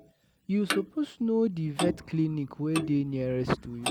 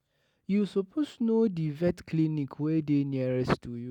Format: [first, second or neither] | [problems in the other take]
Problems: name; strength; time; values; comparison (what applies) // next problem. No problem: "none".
second | background sound (Clock); 9 dB below the speech